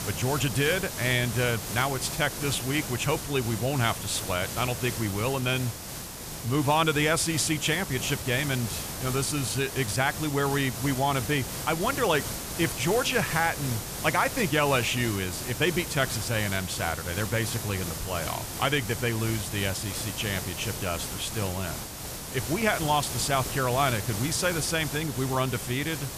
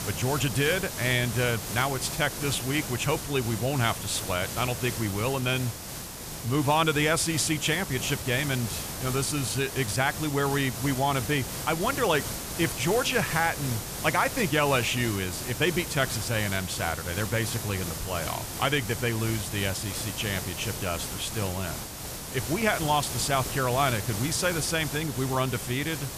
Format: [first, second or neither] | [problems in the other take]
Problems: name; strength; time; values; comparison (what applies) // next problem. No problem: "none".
neither | hiss; loud; throughout; 6 dB below the speech; the same in both